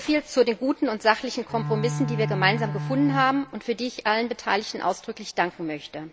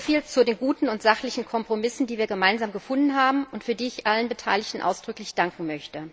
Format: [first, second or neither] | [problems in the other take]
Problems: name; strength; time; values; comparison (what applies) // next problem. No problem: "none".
second | background sound (Bowed string instrument); 4 dB below the speech